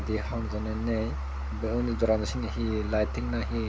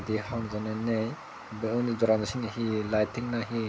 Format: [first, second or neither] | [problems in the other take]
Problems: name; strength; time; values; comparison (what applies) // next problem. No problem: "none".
second | background sound (Musical instrument); 3 dB below the speech